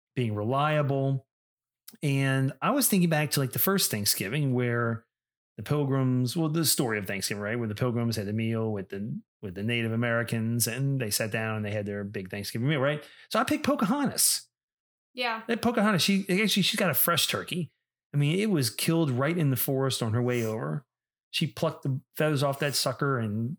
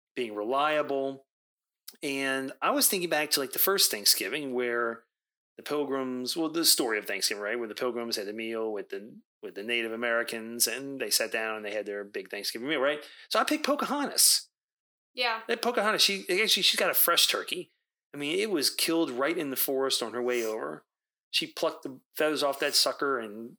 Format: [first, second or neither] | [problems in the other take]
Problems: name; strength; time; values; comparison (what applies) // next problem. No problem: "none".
first | thin; somewhat; fading below 300 Hz